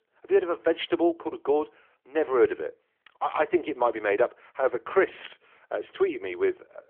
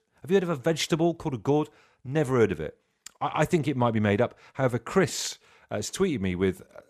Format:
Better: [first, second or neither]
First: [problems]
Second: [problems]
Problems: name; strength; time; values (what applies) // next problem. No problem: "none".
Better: second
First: phone-call audio; nothing above 3.5 kHz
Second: none